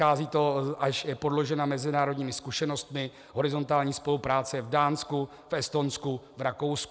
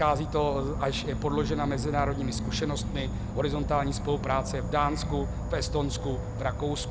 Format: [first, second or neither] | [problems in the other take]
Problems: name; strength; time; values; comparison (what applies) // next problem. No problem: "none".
first | background sound (Insect / Frog); 3 dB below the speech